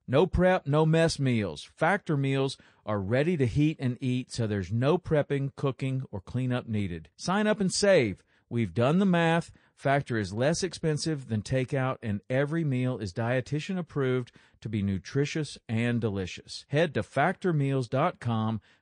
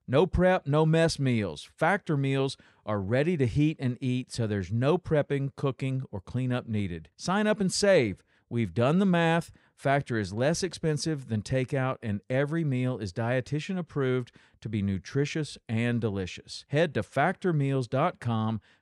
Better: second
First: garbled, watery; slightly; nothing above 9 kHz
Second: none

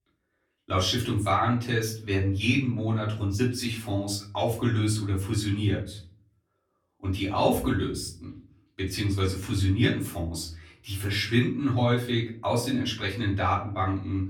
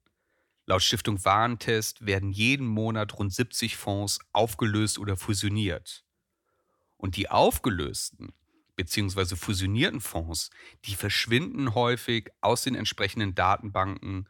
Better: second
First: off-mic speech; far // room echo; slight; dies away in 0.5 s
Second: none

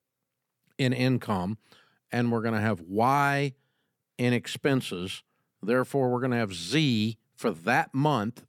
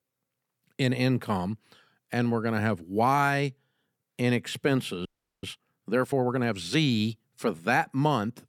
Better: first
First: none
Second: audio freezing; at 5 s

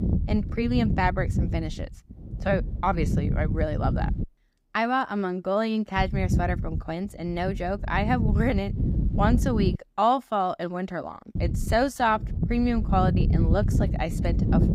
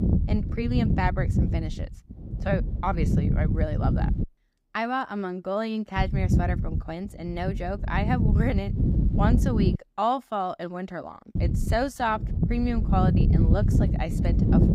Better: first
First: wind noise on the microphone; occasional gusts; until 4 s, from 6 to 10 s and from 11 s on; 10 dB below the speech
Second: wind noise on the microphone; heavy; until 4 s, from 6 to 10 s and from 11 s on; 6 dB below the speech

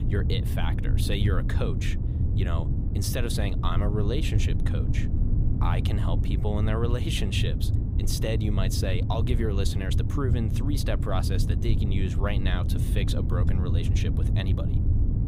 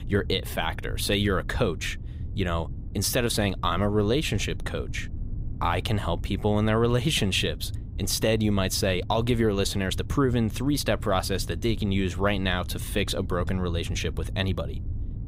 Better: second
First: low rumble; loud; throughout; 5 dB below the speech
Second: low rumble; faint; throughout; 20 dB below the speech

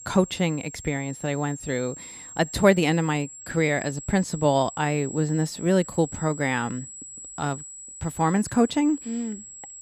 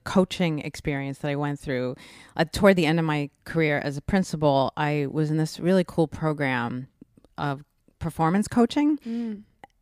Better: second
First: high-pitched whine; noticeable; throughout; 7.5 kHz, 15 dB below the speech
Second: none

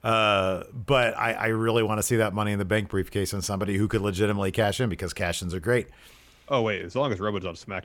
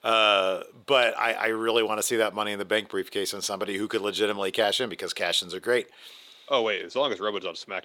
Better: first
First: none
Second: thin; somewhat; fading below 400 Hz

